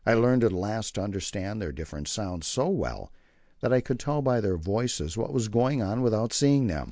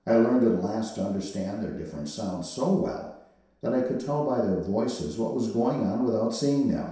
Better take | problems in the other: first | room echo; dies away in 0.7 s

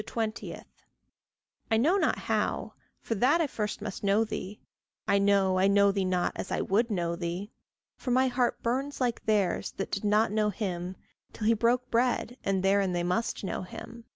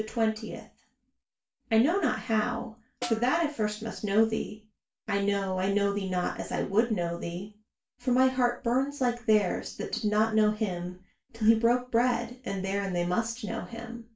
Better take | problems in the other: first | background sound (Snare drum); 13 dB below the speech // room echo; dies away in 0.3 s

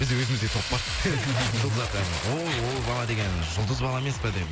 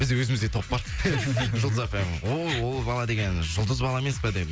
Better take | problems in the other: second | background sound (Fire); 8 dB below the speech

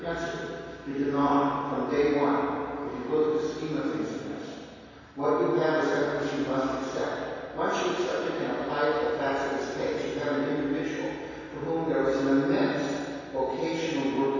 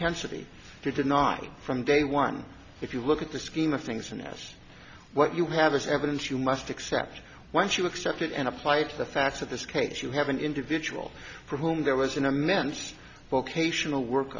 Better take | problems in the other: second | room echo; dies away in 2.2 s

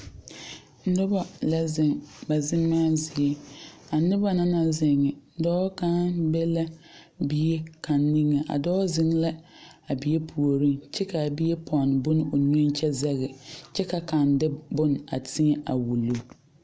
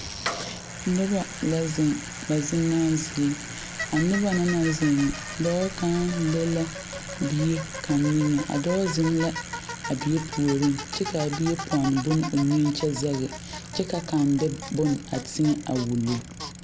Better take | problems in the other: first | background sound (Bicycle); 10 dB below the speech

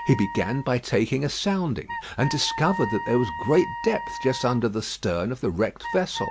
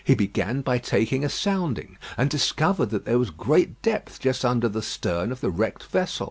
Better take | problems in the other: second | background sound (Wind instrument, woodwind instrument); 11 dB below the speech

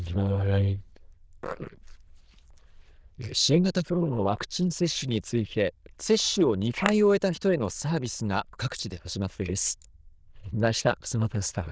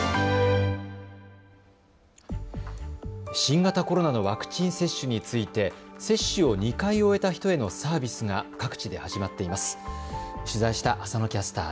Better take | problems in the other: second | noise reduction (neural diffusion model UNIVERSE++)

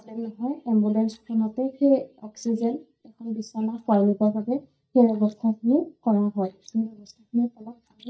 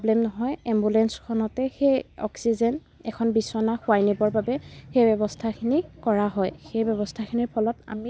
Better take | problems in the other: second | noise reduction (neural mask model DeepFilterNet 3)

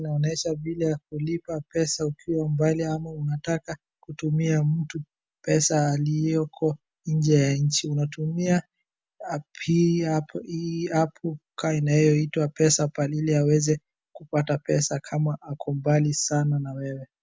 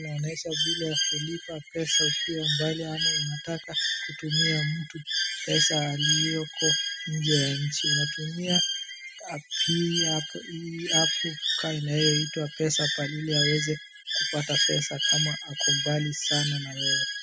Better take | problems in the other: first | background sound (Bird); 2 dB above the speech

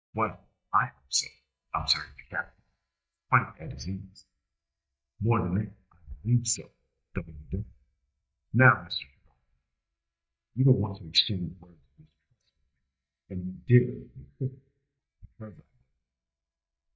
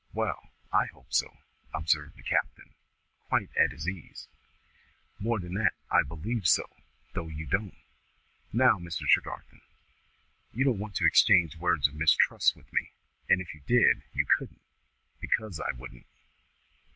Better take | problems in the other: second | noise reduction (neural mask model DeepFilterNet 3)

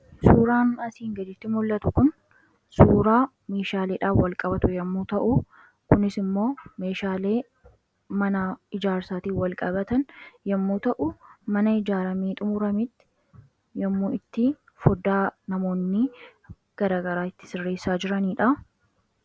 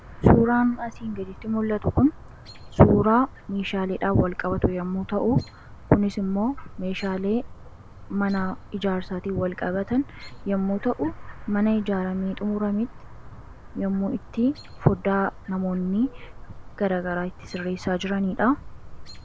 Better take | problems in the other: first | background sound (Chirp, tweet); 15 dB below the speech

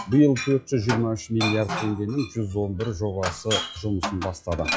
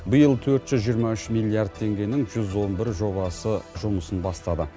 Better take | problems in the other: second | noise reduction (classical method log-MMSE)

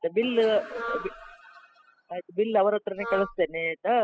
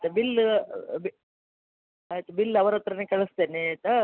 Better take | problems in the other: second | noise reduction (classical method spectral subtraction)

